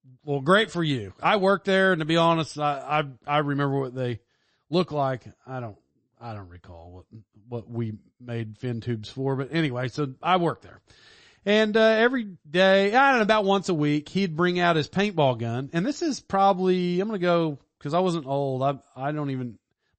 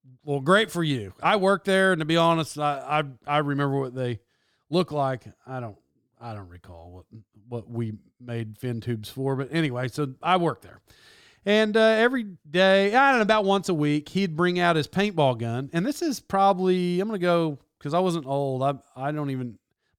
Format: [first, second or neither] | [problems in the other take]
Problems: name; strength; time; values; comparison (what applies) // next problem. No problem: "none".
second | garbled, watery; slightly; nothing above 8 kHz